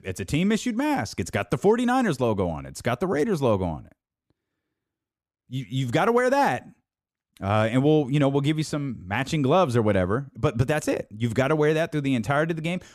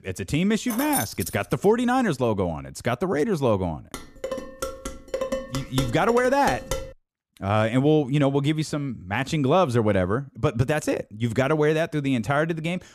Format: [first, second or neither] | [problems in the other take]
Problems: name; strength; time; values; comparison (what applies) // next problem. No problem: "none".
first | jangling keys; noticeable; at 0.5 s; peak 4 dB below the speech // clattering dishes; noticeable; from 4 to 7 s; peak 5 dB below the speech